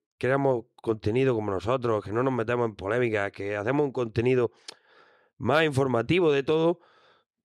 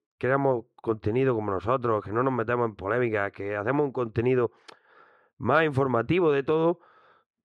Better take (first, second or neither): first